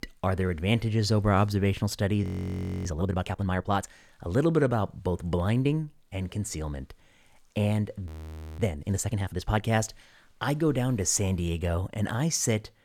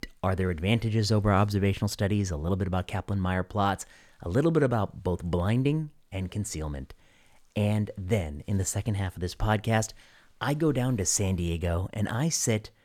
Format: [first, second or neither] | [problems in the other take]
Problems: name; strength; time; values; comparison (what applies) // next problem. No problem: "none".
second | audio freezing; at 2 s for 0.5 s and at 8 s for 0.5 s